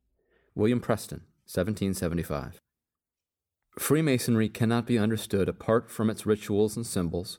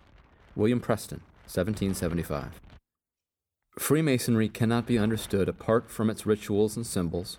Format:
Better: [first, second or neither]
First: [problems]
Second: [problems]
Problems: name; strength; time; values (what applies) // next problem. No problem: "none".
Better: first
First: none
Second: wind noise on the microphone; occasional gusts; until 3 s and from 4 s on; 25 dB below the speech